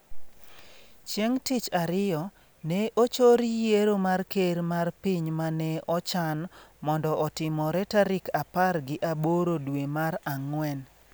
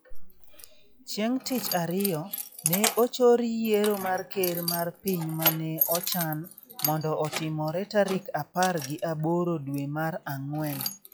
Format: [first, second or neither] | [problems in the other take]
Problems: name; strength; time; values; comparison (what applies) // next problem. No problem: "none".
first | noise reduction (classical method log-MMSE)